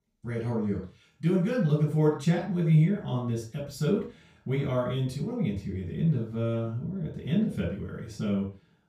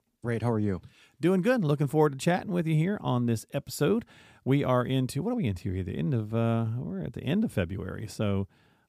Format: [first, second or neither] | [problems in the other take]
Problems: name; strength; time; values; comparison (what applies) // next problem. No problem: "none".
second | room echo; noticeable; dies away in 0.3 s // off-mic speech; far